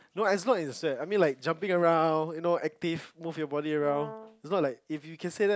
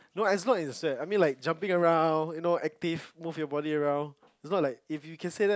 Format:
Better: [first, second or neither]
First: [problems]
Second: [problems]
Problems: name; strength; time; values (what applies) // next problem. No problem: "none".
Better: second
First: background sound (Brass instrument); 15 dB below the speech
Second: none